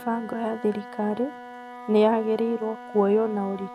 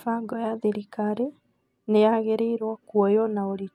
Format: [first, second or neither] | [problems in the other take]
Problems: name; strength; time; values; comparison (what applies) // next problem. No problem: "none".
second | background sound (Wind instrument, woodwind instrument); 15 dB below the speech